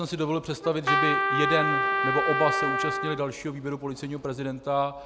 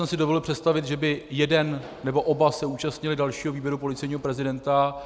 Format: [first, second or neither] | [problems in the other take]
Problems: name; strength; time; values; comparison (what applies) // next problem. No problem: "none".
second | background sound (Trumpet); 2 dB above the speech